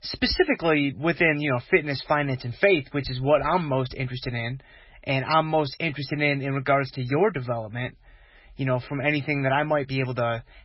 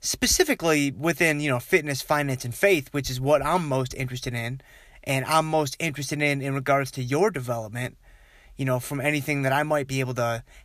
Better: second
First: garbled, watery; badly; nothing above 5.5 kHz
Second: none

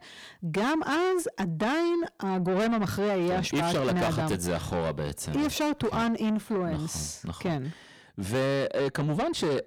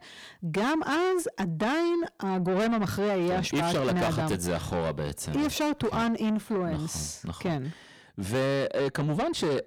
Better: neither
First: distortion; heavy; 8 dB below the speech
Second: distortion; heavy; 8 dB below the speech

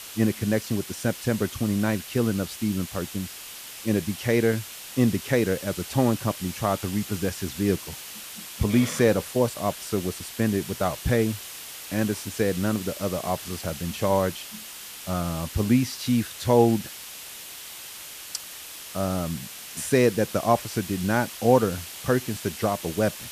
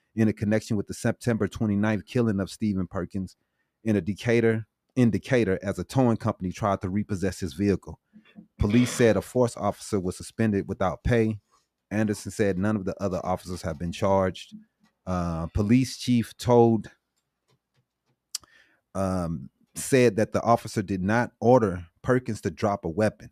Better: second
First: hiss; noticeable; throughout; 10 dB below the speech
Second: none

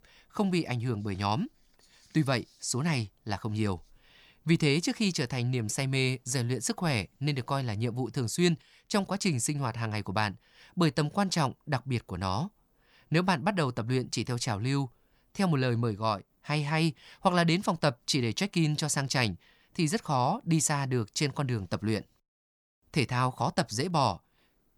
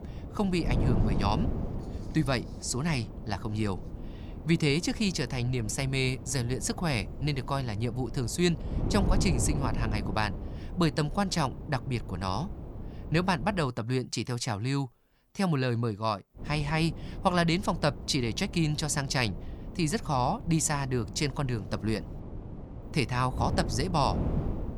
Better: first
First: none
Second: wind noise on the microphone; occasional gusts; until 14 s and from 16 s on; 15 dB below the speech

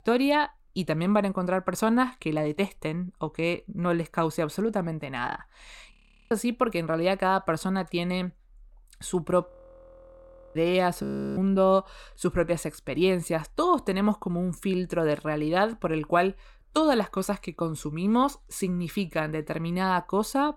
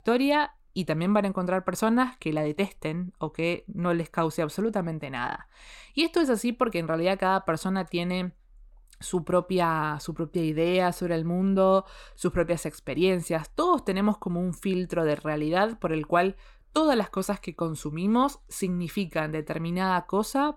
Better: second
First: audio freezing; at 6 s, at 9.5 s for 1 s and at 11 s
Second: none

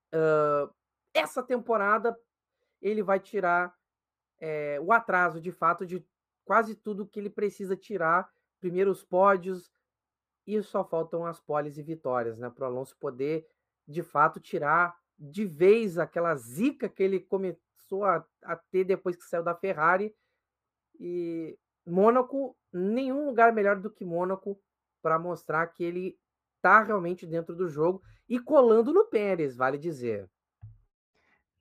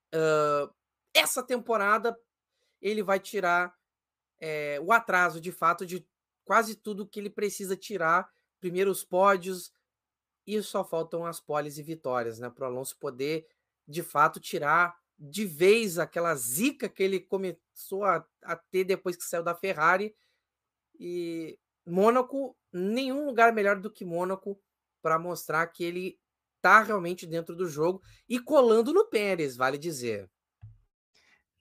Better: second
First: muffled; slightly; fading above 2.5 kHz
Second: none

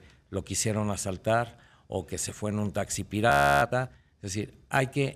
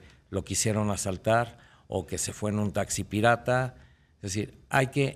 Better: second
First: audio freezing; at 3.5 s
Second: none

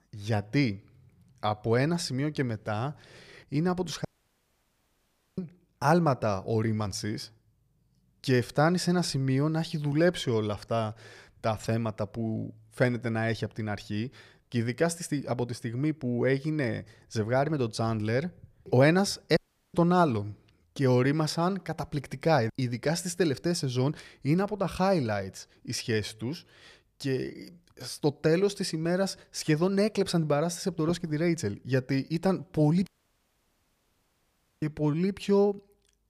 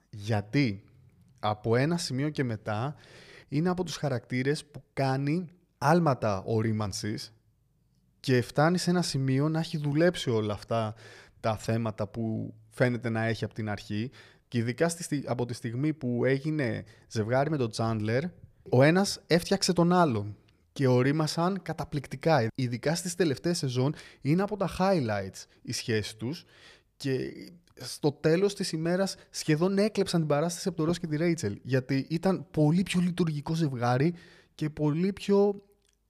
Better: second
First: audio cutting out; at 4 s for 1.5 s, at 19 s and at 33 s for 2 s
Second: none

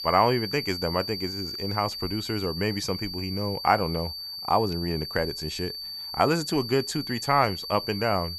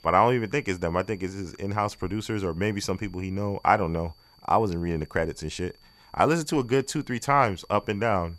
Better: second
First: high-pitched whine; loud; throughout; 4.5 kHz, 6 dB below the speech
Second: high-pitched whine; faint; throughout; 4.5 kHz, 30 dB below the speech

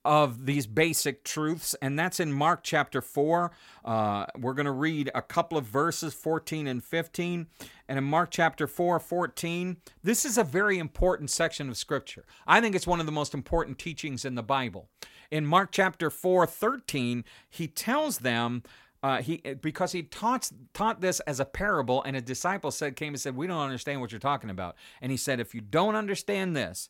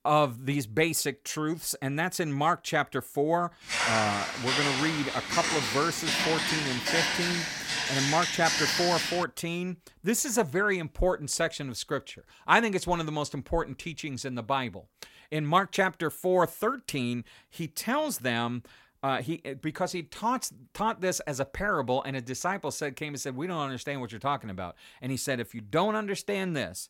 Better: first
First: none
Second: footsteps; loud; from 3.5 to 9 s; peak 4 dB above the speech

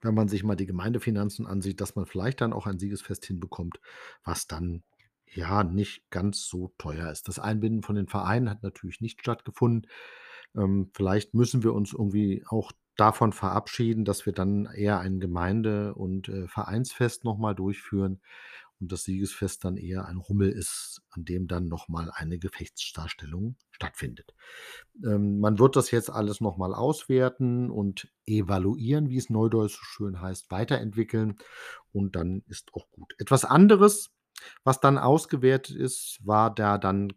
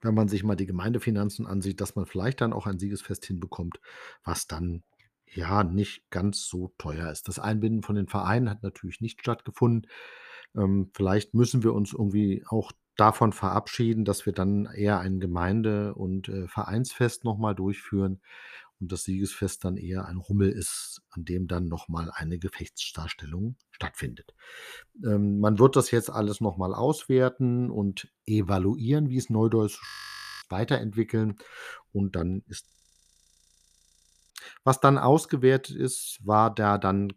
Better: first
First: none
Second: audio freezing; at 30 s for 0.5 s and at 33 s for 1.5 s

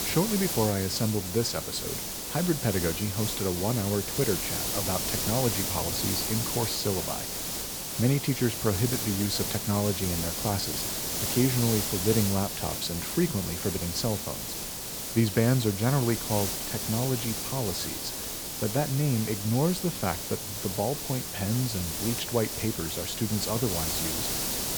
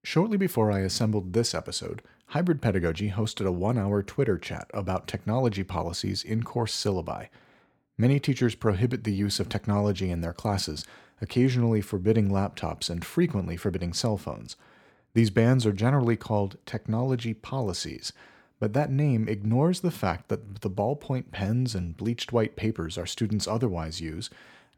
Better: second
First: hiss; loud; throughout; 1 dB below the speech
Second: none

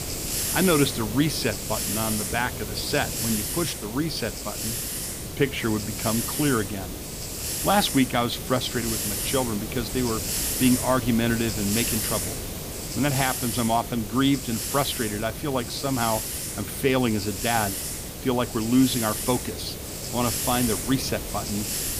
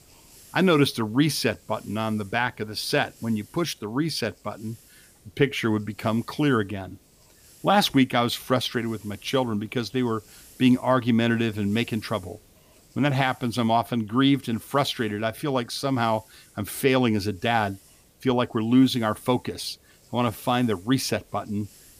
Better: second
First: hiss; loud; throughout; 3 dB below the speech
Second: hiss; faint; throughout; 25 dB below the speech

